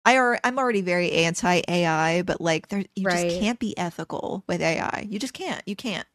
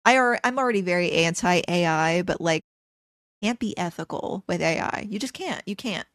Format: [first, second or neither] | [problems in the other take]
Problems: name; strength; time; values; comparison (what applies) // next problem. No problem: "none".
first | audio cutting out; at 2.5 s for 1 s